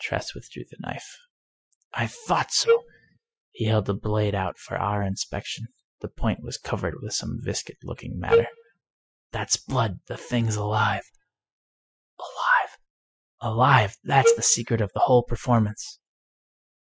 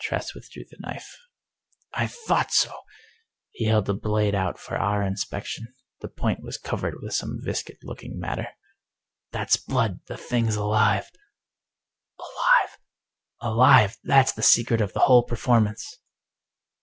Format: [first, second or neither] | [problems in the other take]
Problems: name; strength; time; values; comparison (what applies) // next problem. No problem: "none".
second | noise reduction (classical method spectral subtraction)